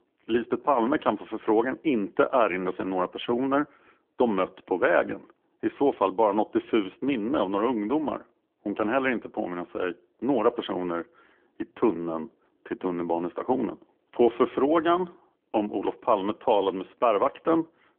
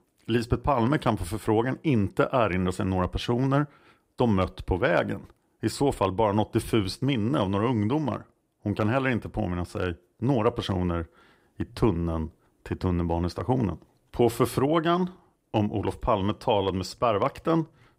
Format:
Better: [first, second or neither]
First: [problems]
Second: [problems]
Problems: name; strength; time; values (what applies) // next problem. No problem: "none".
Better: second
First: phone-call audio; nothing above 3.5 kHz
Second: none